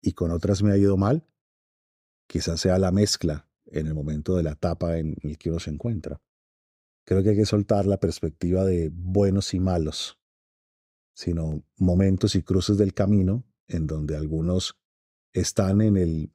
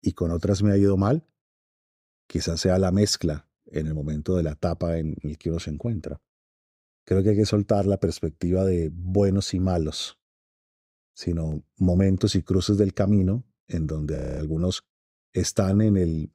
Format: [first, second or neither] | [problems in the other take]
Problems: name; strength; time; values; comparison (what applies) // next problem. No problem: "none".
first | audio freezing; at 14 s